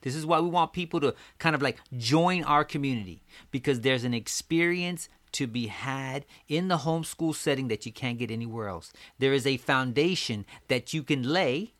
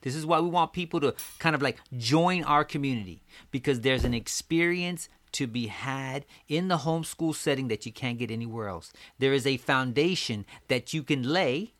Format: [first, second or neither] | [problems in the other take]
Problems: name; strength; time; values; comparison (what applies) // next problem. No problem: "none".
first | clattering dishes; faint; at 1 s; peak 10 dB below the speech // footsteps; noticeable; at 4 s; peak 8 dB below the speech